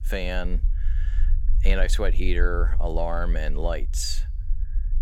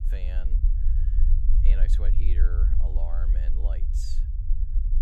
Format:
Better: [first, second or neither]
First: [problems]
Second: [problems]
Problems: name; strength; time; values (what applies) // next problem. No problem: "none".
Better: first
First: low rumble; faint; throughout; 20 dB below the speech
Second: low rumble; loud; throughout; 2 dB below the speech